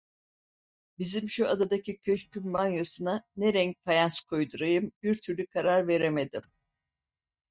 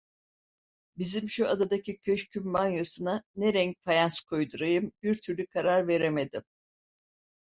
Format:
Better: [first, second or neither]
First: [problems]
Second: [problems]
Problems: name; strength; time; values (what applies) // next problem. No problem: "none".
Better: second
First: noise reduction (neural mask model DeepFilterNet 3)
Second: none